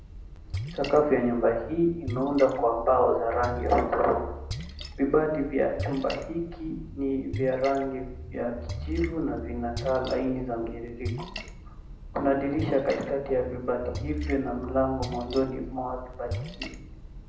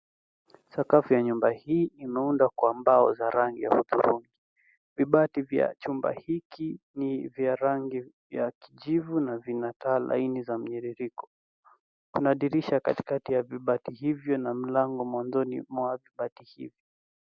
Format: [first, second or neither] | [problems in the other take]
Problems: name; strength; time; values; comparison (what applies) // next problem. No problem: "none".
second | background sound (Splash, splatter); 9 dB below the speech // room echo; dies away in 0.7 s